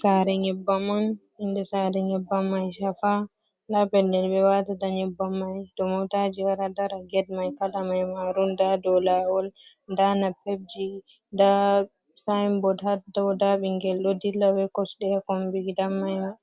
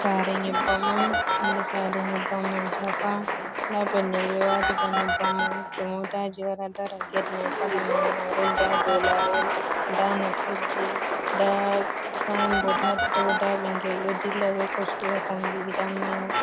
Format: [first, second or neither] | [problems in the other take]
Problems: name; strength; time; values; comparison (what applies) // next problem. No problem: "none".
first | background sound (Telephone + Applause); 2 dB above the speech